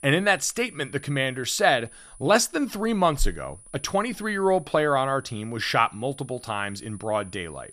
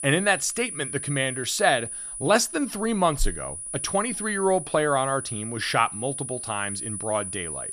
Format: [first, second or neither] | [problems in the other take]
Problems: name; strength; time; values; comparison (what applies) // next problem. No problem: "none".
first | high-pitched whine; loud; throughout; 10 kHz, 7 dB below the speech; faint in the first